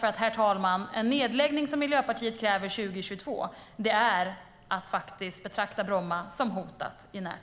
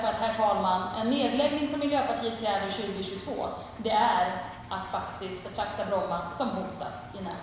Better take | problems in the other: first | background sound (Engine); 17 dB below the speech // room echo; dies away in 1 s

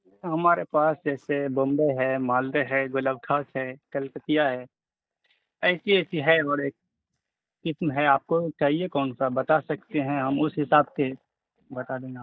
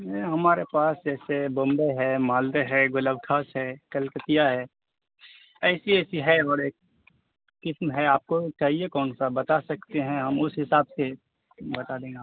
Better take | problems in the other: second | noise reduction (neural mask model DeepFilterNet 3)

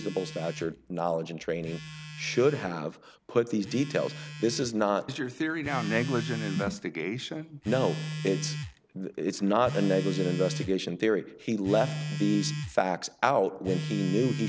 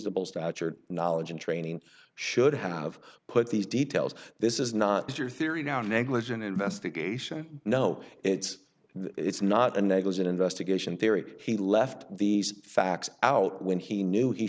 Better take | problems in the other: second | background sound (Telephone); 9 dB below the speech

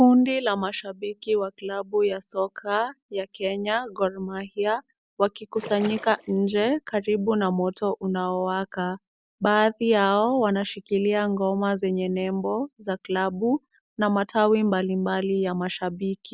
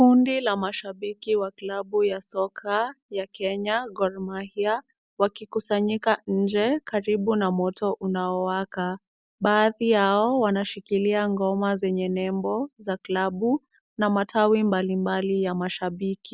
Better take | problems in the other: second | background sound (Splash, splatter); 15 dB below the speech

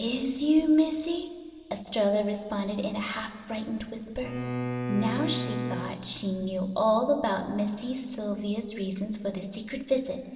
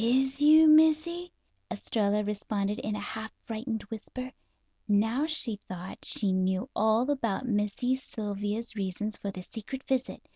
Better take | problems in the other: second | background sound (Bowed string instrument); 6 dB below the speech // room echo; dies away in 2.2 s

